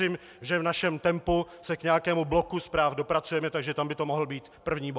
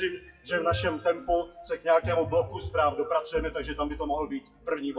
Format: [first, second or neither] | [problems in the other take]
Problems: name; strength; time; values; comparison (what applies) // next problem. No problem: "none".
first | noise reduction (classical method WPE with log-MMSE)